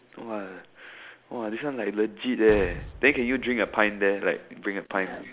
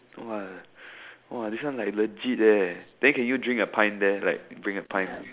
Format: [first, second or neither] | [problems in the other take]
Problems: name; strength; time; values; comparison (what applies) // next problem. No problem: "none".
second | background sound (Explosion); 13 dB below the speech